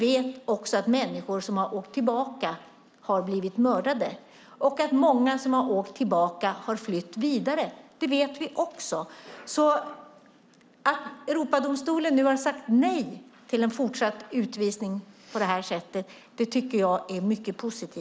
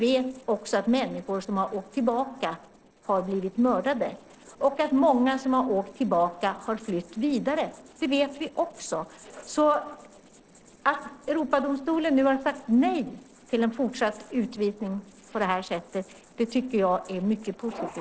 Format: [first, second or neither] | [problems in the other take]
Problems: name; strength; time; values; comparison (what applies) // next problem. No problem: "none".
first | noise reduction (neural separator model SepFormer DNS4)